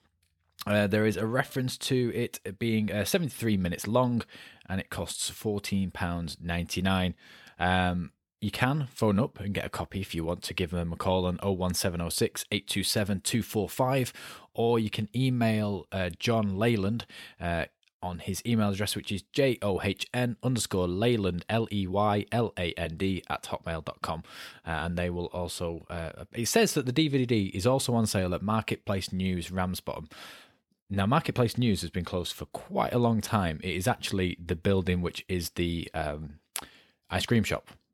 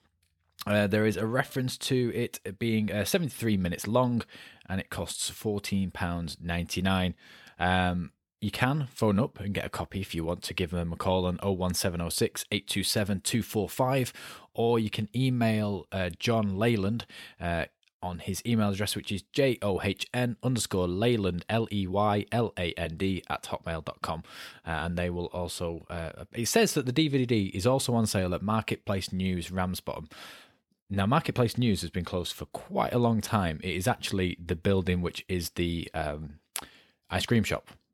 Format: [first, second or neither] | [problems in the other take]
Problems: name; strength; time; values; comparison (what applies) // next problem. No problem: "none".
neither | none